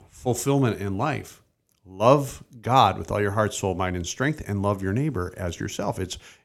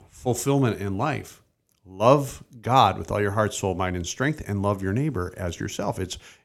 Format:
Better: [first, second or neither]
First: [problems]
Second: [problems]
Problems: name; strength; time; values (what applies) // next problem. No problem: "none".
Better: neither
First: none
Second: none